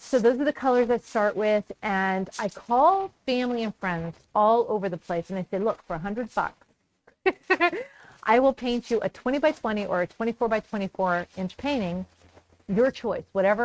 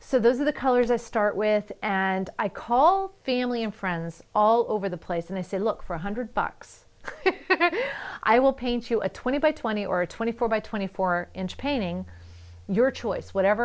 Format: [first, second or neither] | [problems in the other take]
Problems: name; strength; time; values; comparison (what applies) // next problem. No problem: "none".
second | noise reduction (neural mask model RNNoise)